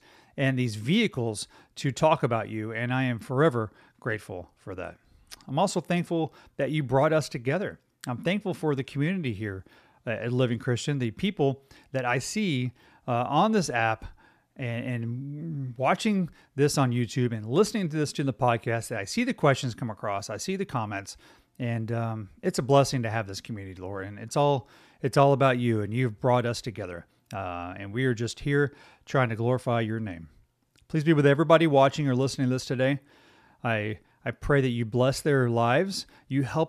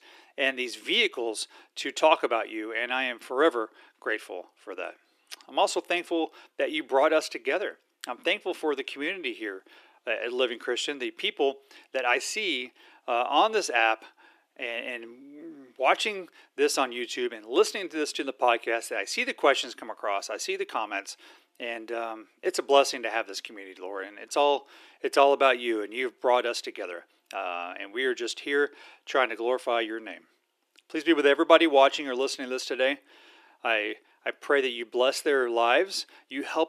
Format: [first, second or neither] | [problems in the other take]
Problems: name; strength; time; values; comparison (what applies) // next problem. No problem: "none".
first | thin; very; fading below 350 Hz